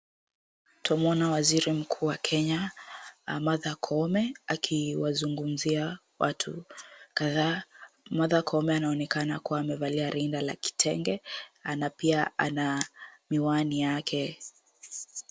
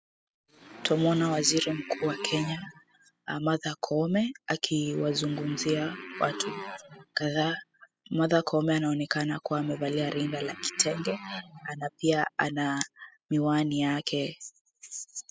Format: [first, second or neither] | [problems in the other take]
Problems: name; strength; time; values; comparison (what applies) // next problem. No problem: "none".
first | noise reduction (classical method spectral subtraction)